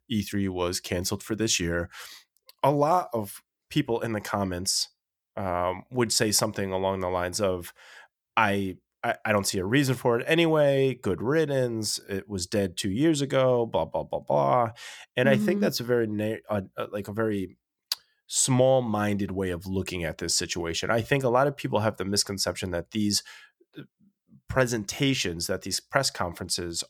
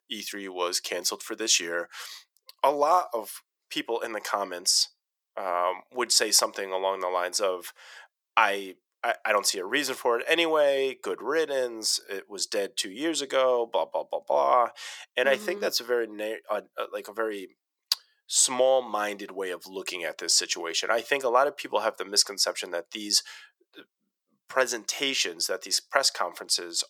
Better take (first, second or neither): first